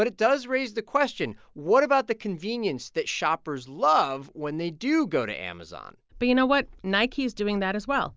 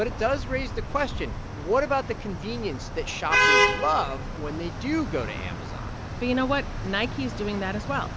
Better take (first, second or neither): first